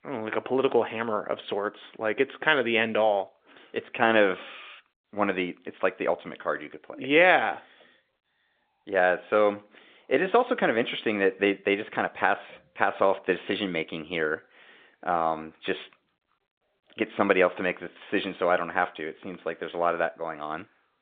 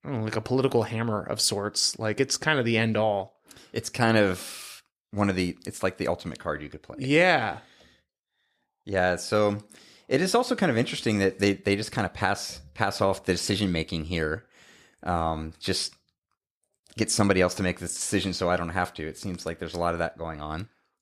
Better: second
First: phone-call audio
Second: none

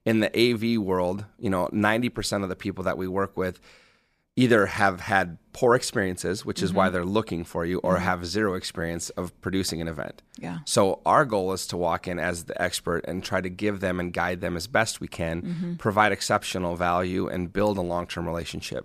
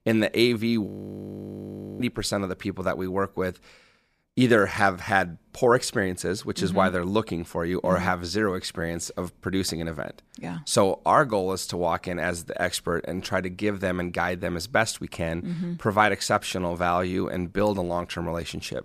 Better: first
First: none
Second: audio freezing; at 1 s for 1 s

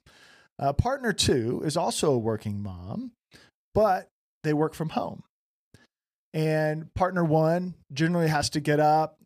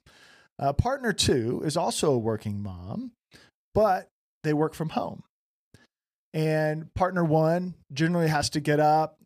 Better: neither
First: none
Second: none

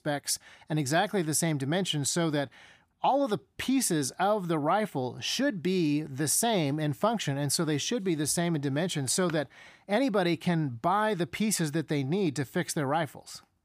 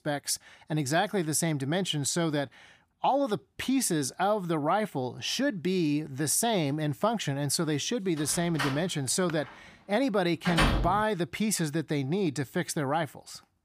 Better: first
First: none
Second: door banging; loud; from 8.5 to 11 s; peak 2 dB above the speech

